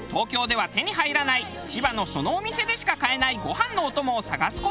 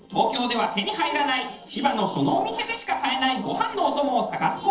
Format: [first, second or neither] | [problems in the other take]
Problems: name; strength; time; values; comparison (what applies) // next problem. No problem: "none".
first | noise reduction (neural separator model SepFormer DNS4)